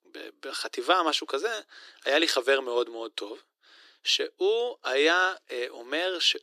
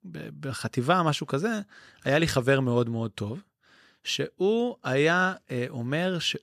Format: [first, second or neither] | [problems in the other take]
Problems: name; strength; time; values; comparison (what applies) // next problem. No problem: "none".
second | thin; very; fading below 300 Hz